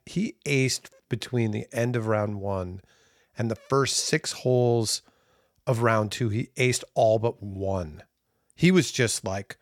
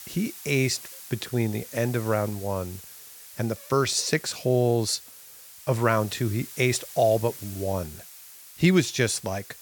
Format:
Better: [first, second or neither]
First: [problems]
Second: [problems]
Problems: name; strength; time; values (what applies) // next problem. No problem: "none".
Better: first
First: none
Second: hiss; noticeable; throughout; 15 dB below the speech